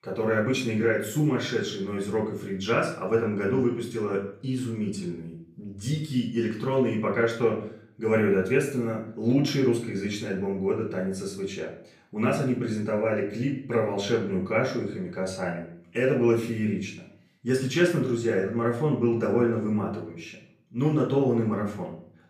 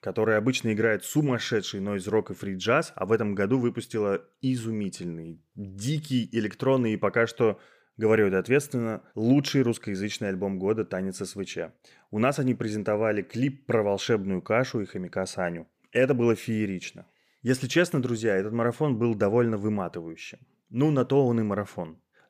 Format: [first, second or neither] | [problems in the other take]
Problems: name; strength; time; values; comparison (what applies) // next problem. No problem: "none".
second | off-mic speech; far // room echo; slight; dies away in 0.5 s